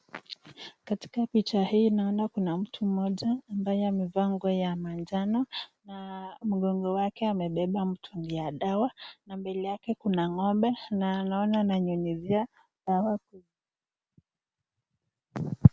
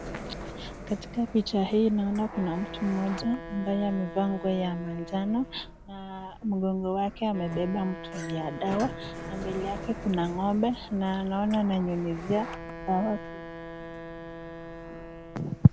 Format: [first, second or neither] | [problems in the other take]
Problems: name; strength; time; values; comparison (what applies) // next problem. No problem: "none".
first | background sound (Sliding door + Wind instrument, woodwind instrument); 11 dB below the speech